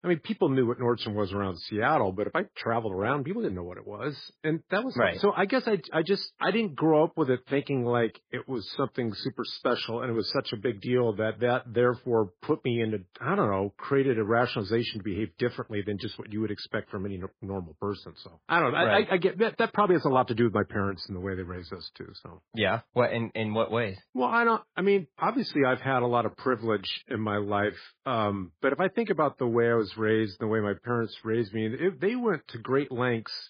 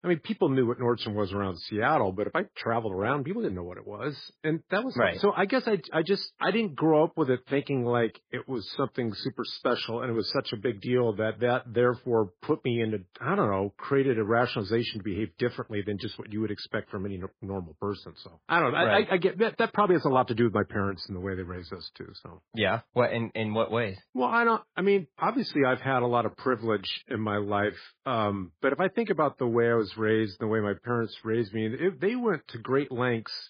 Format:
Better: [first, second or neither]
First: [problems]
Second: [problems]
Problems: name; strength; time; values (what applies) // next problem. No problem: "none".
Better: neither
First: garbled, watery; badly; nothing above 5 kHz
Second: garbled, watery; badly; nothing above 5 kHz